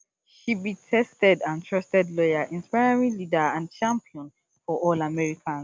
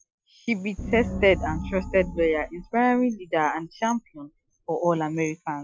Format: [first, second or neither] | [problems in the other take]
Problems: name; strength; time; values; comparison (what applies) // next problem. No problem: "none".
first | noise reduction (classical method Wiener filter)